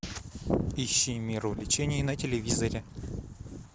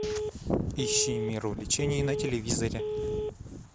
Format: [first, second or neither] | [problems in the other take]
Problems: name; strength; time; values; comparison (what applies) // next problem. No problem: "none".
first | background sound (Telephone); 4 dB below the speech